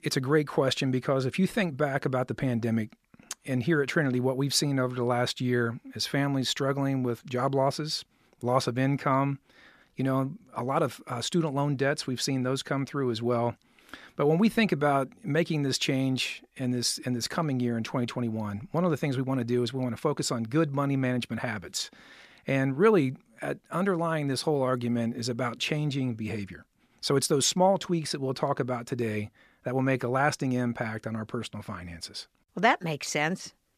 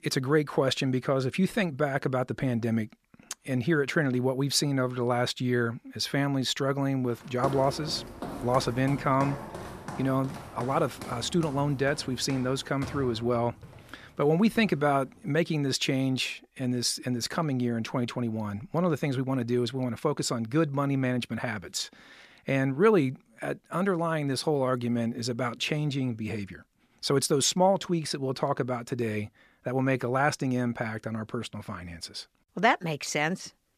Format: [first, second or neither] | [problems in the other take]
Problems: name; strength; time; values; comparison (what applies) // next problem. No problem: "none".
first | footsteps; noticeable; from 7.5 to 15 s; peak 8 dB below the speech